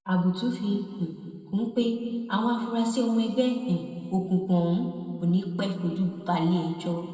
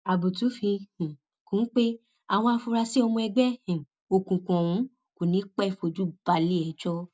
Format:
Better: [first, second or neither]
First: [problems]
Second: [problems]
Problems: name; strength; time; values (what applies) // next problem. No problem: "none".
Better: second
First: room echo; dies away in 2 s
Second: none